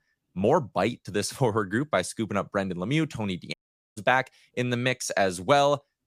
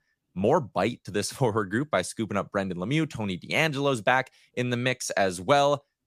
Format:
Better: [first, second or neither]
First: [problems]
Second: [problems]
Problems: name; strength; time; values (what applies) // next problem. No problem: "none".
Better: second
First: audio cutting out; at 3.5 s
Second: none